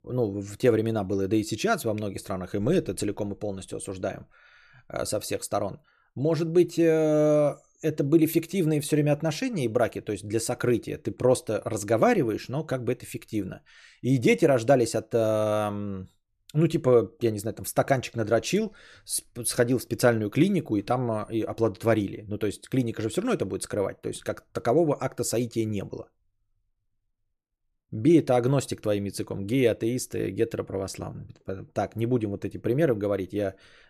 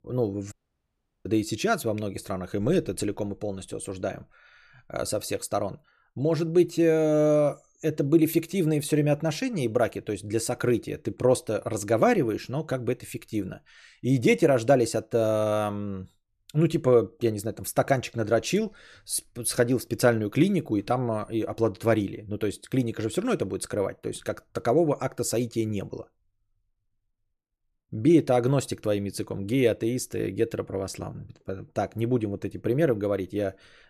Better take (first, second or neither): first